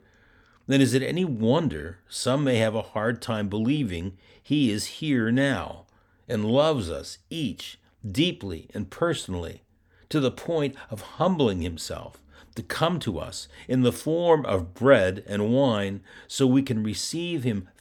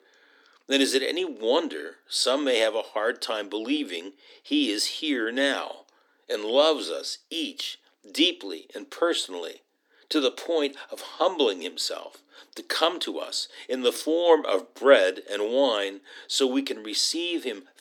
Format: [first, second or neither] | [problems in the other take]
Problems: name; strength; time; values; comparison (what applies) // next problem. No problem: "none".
first | thin; somewhat; fading below 300 Hz